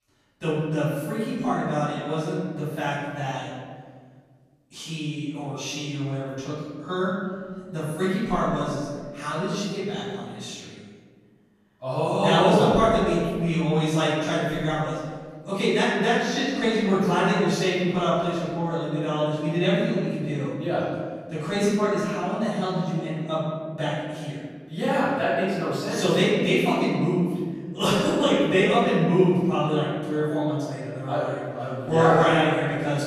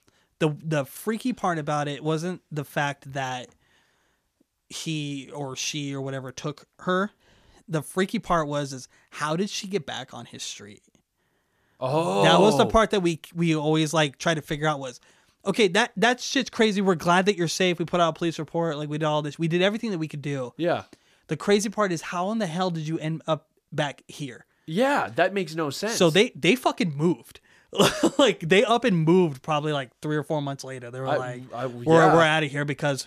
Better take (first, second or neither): second